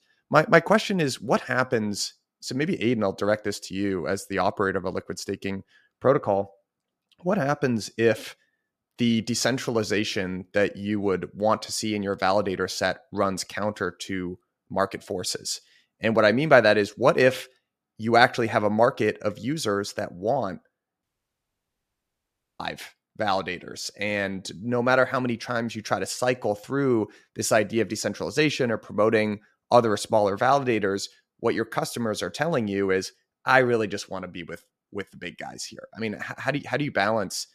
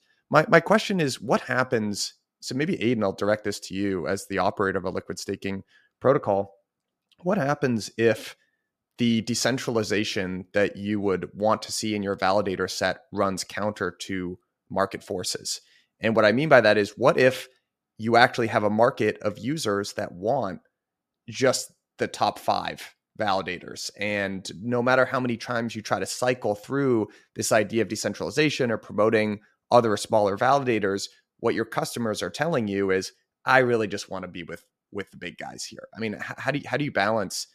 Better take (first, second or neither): second